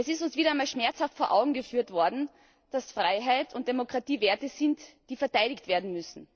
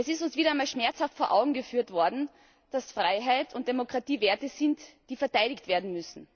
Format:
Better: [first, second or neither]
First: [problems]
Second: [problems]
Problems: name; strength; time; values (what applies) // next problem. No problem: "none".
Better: second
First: noise reduction (neural separator model SepFormer DNS4)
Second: none